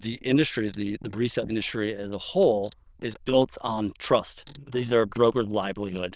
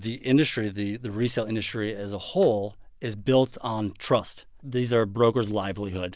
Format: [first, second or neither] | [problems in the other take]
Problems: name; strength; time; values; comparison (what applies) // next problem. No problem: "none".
second | noise reduction (neural diffusion model UNIVERSE++)